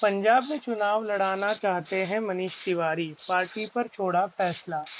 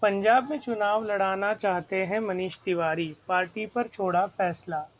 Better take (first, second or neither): second